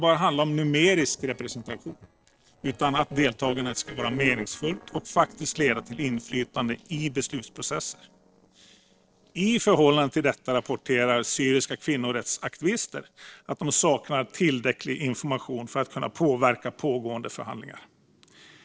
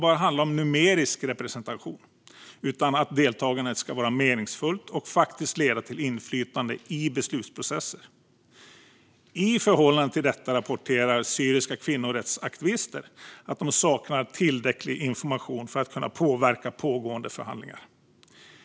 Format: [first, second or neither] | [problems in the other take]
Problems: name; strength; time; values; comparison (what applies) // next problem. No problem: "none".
second | noise reduction (neural separator model SepFormer DNS4)